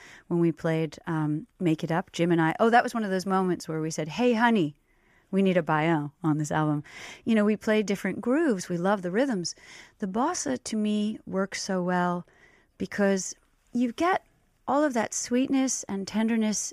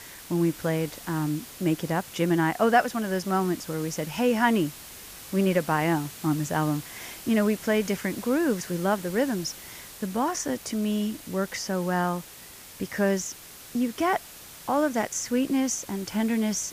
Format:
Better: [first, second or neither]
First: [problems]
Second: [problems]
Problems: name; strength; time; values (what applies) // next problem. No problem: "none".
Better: first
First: none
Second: hiss; noticeable; throughout; 15 dB below the speech